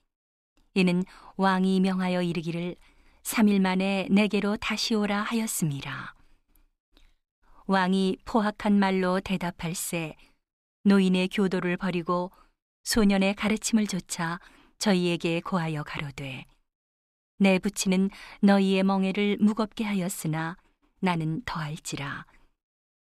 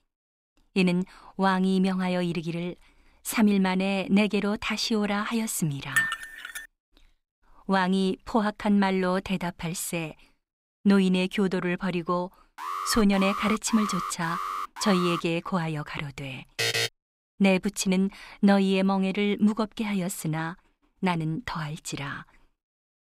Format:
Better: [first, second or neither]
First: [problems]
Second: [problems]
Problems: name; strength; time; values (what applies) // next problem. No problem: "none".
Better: first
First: none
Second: clattering dishes; loud; at 6 s; peak 1 dB above the speech // alarm; noticeable; from 13 to 15 s; peak 5 dB below the speech // alarm; loud; at 17 s; peak 1 dB above the speech